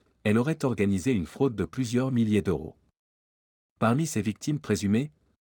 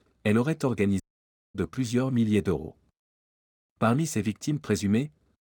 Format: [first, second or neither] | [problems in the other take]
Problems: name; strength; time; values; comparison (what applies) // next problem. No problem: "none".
first | audio cutting out; at 1 s for 0.5 s